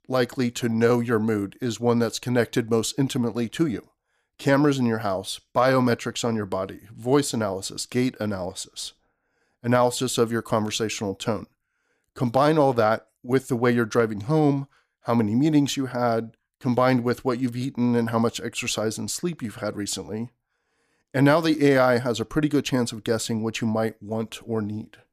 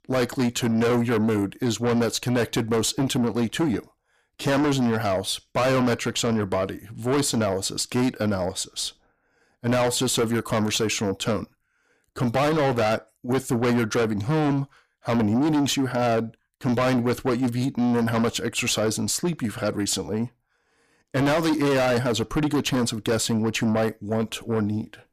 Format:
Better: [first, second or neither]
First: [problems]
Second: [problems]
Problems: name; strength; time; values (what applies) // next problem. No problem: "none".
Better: first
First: none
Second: distortion; heavy; 6 dB below the speech